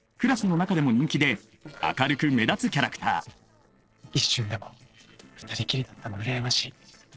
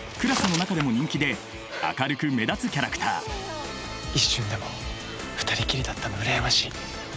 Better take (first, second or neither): second